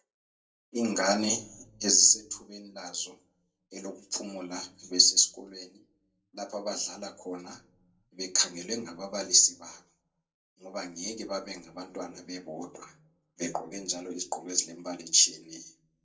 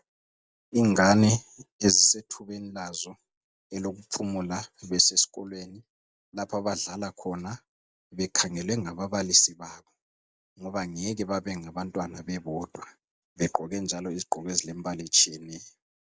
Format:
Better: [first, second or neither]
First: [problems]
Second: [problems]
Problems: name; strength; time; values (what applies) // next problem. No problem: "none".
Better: second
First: room echo; dies away in 0.2 s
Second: none